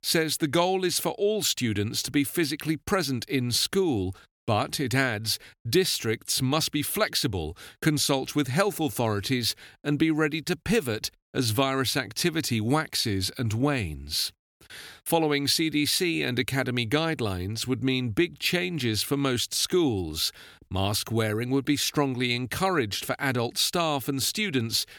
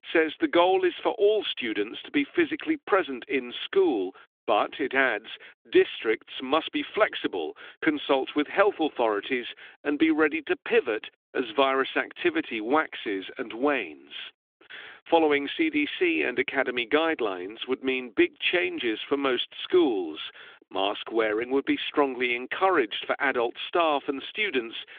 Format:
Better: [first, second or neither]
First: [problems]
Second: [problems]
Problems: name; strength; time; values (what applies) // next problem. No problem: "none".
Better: first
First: none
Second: phone-call audio; nothing above 3.5 kHz